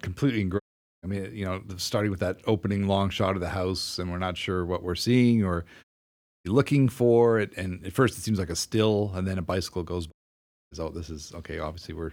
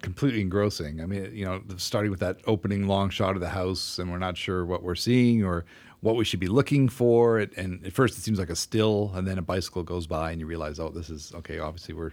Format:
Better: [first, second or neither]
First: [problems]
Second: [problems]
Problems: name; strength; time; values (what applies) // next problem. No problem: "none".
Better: second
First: audio cutting out; at 0.5 s, at 6 s for 0.5 s and at 10 s for 0.5 s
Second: none